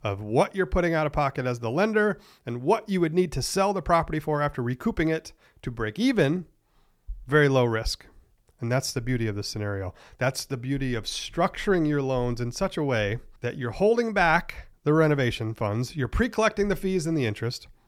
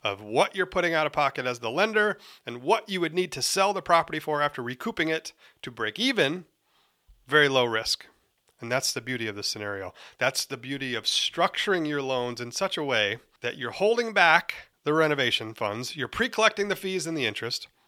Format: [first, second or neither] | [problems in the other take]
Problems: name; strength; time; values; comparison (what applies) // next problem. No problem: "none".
first | thin; somewhat; fading below 650 Hz